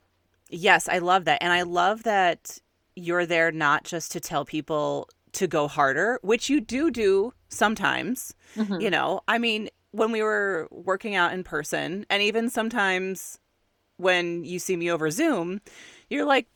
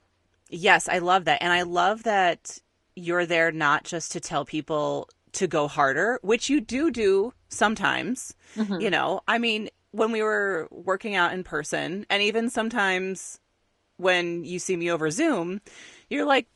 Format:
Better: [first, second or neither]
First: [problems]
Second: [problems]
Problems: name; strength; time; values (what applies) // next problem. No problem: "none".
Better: first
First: none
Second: garbled, watery; slightly; nothing above 11 kHz